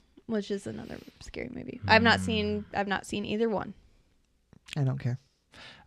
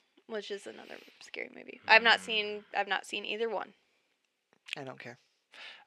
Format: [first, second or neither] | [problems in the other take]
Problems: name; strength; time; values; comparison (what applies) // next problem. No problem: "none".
first | thin; very; fading below 450 Hz